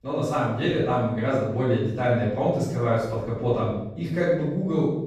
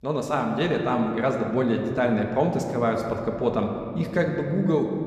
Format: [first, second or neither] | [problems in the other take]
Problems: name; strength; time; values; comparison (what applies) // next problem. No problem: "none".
second | room echo; strong; dies away in 0.8 s; slight in the second // off-mic speech; far